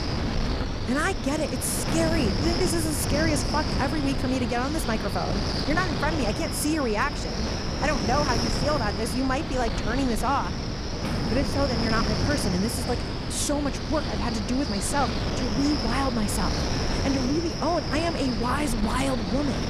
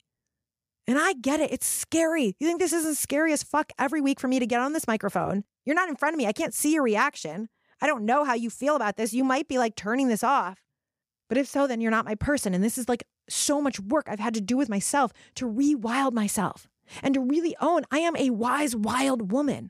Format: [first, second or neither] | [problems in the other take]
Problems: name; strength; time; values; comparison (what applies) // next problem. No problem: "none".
second | wind noise on the microphone; heavy; 3 dB below the speech